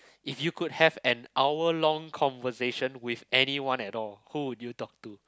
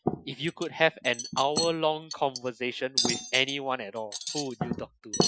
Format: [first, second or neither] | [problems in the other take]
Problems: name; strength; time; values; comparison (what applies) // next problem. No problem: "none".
first | noise reduction (classical method Wiener filter)